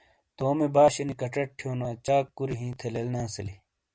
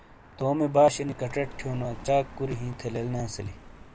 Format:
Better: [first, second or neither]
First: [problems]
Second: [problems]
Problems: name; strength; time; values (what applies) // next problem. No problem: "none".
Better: first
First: none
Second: background sound (Car passing by); 15 dB below the speech